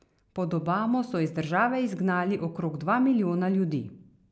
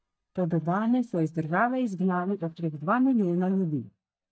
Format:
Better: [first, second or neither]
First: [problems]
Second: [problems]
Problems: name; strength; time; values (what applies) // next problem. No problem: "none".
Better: first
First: none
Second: noise reduction (neural mask model DeepFilterNet 3)